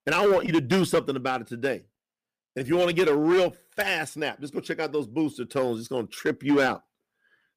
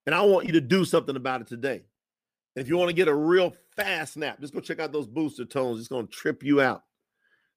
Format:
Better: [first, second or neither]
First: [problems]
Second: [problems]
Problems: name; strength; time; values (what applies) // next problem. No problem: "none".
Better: second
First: distortion; slight; 5% of the sound clipped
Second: none